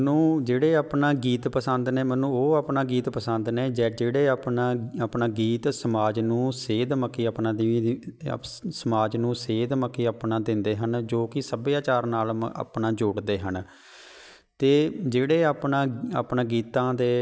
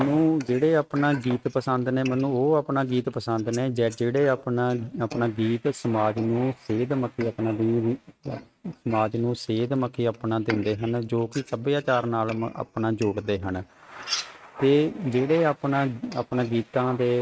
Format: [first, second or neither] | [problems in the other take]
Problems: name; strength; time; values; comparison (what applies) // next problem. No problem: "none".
first | noise reduction (neural mask model RNNoise)